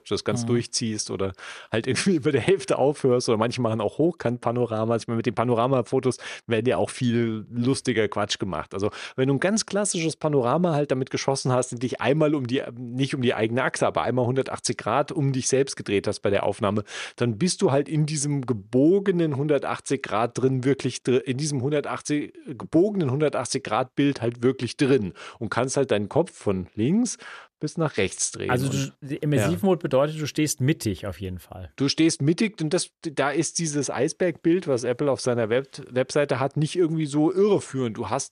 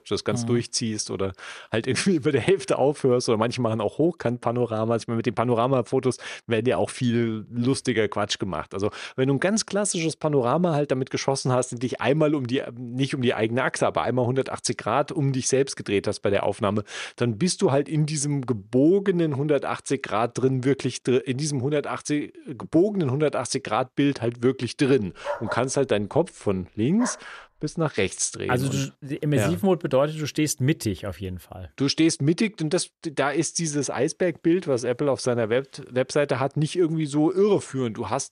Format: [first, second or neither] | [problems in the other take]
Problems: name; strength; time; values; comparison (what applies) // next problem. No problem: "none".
first | dog barking; noticeable; from 25 to 27 s; peak 7 dB below the speech